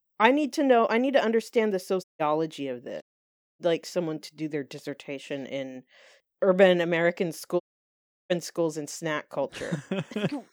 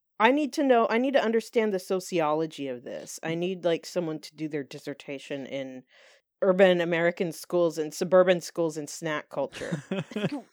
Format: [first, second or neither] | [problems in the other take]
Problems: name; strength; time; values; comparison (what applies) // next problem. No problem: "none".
second | audio cutting out; at 2 s, at 3 s for 0.5 s and at 7.5 s for 0.5 s